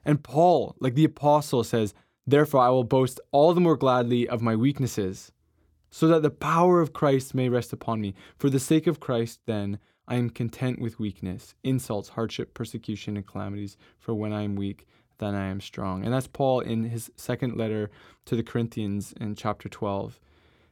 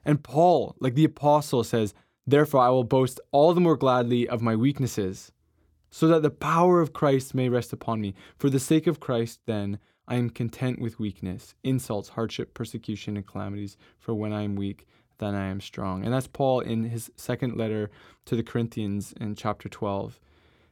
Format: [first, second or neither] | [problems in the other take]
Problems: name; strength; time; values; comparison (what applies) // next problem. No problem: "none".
neither | none